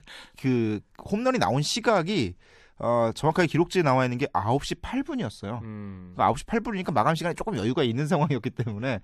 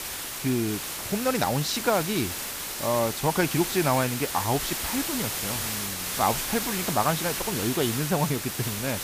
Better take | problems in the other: first | hiss; loud; throughout; 2 dB below the speech

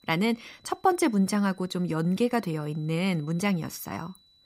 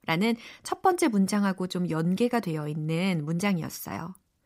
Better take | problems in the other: second | high-pitched whine; faint; throughout; 4 kHz, 30 dB below the speech

